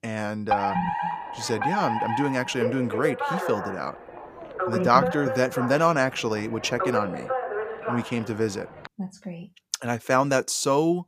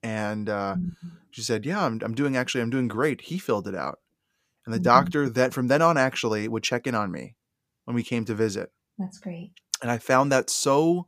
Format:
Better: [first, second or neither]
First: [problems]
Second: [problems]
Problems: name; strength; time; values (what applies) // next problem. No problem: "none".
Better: second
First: alarm; loud; from 0.5 to 9 s; peak level with the speech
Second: none